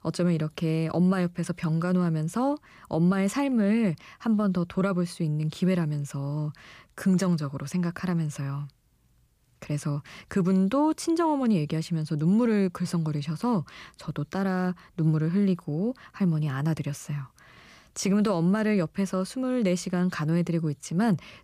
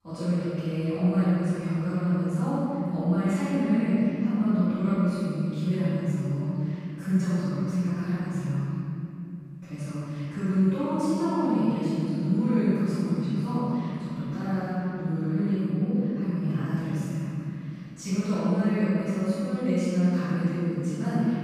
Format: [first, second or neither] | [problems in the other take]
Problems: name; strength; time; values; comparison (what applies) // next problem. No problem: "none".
first | off-mic speech; far // room echo; strong; dies away in 3 s